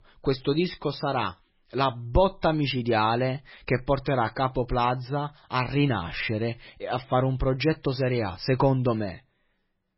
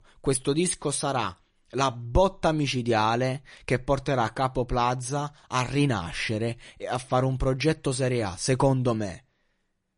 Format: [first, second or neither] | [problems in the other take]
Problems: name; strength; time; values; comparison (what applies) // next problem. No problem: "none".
second | garbled, watery; badly; nothing above 5.5 kHz; slightly in the second